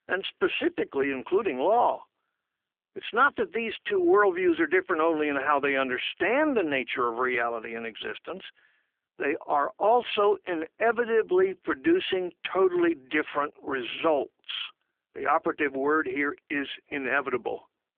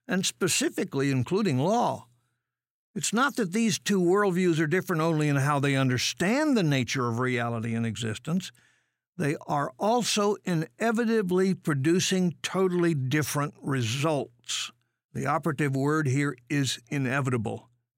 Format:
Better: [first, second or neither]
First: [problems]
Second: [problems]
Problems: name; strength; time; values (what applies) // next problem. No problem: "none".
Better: second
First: phone-call audio; poor line; nothing above 3.5 kHz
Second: none